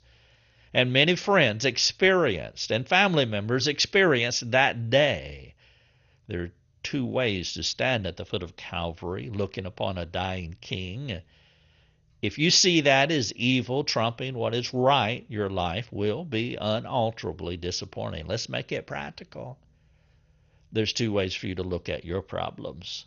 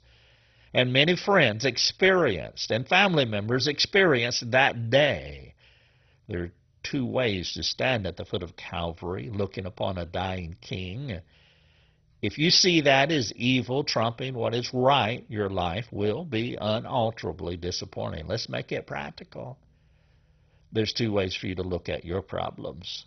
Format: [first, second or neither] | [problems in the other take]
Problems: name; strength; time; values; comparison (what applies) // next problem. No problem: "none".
first | garbled, watery; badly; nothing above 6 kHz; slightly in the first